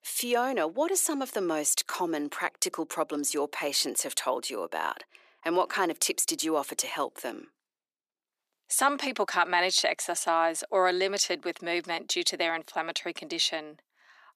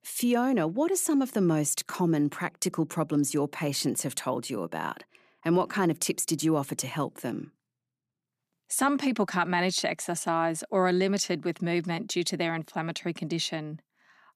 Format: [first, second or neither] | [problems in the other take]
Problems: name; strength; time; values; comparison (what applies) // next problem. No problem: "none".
second | thin; somewhat; fading below 400 Hz